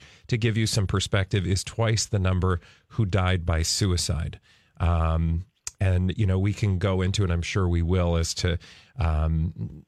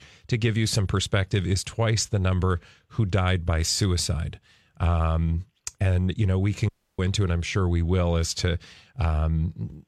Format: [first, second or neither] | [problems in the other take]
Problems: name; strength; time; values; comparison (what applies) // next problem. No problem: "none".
first | audio cutting out; at 6.5 s